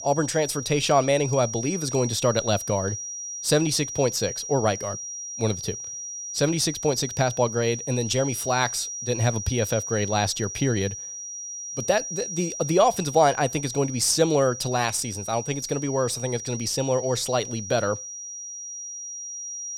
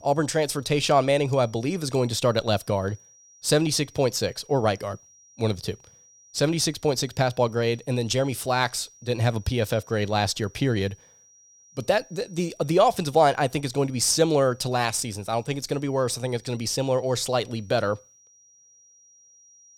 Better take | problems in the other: second | high-pitched whine; loud; throughout; 5.5 kHz, 8 dB below the speech; faint in the second

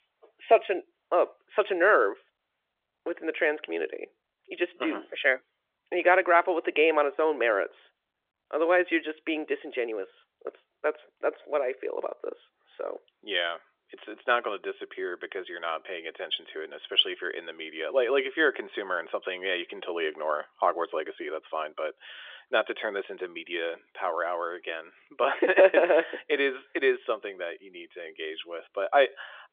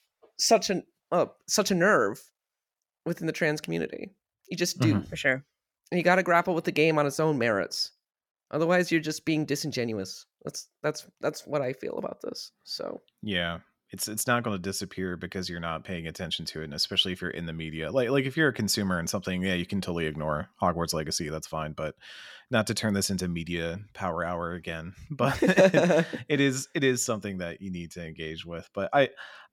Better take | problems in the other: second | phone-call audio; nothing above 3.5 kHz

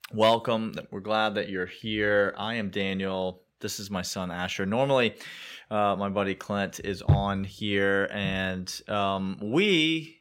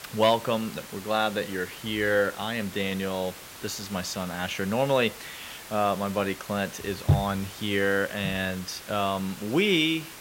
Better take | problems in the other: first | hiss; noticeable; throughout; 15 dB below the speech

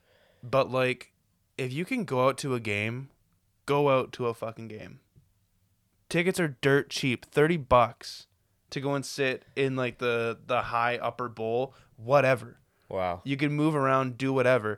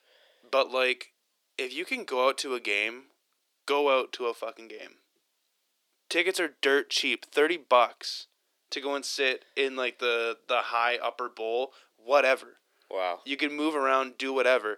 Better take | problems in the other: first | thin; somewhat; fading below 300 Hz

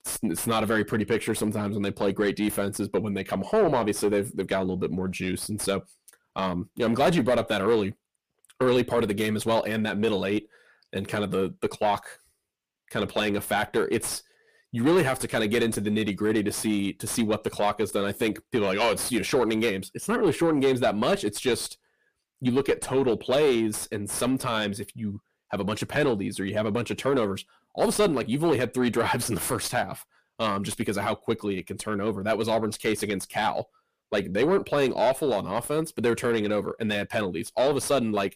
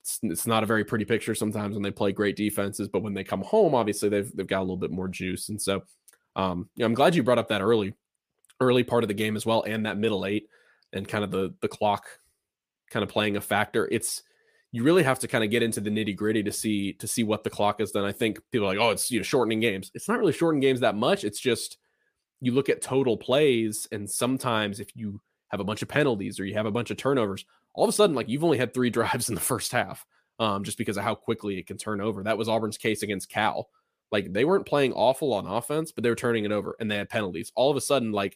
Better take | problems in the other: second | distortion; slight; 10 dB below the speech

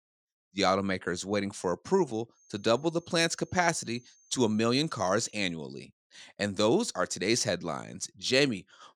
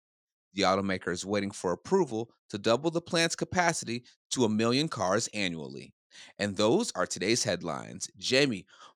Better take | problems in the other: second | high-pitched whine; faint; from 2.5 to 5.5 s; 6.5 kHz, 30 dB below the speech

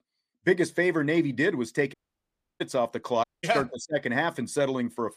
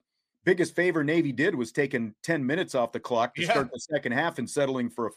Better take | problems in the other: second | audio cutting out; at 2 s for 0.5 s and at 3 s

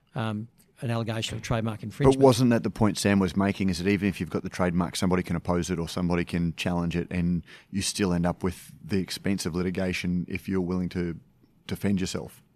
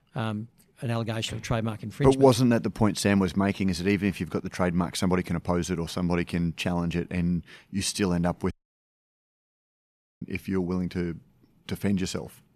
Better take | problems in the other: first | audio cutting out; at 8.5 s for 1.5 s

